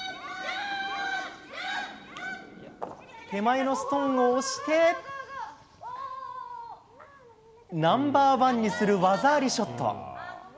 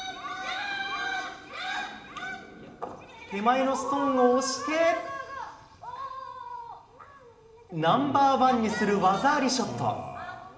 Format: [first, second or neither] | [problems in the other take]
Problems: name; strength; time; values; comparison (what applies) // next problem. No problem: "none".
first | room echo; dies away in 1.6 s